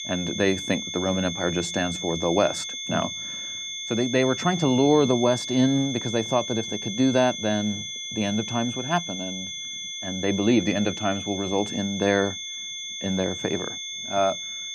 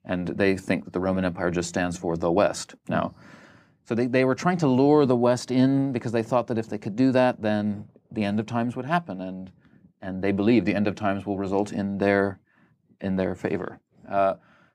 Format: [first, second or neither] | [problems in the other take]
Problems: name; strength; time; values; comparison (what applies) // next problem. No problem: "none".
second | high-pitched whine; loud; throughout; 3.5 kHz, 6 dB below the speech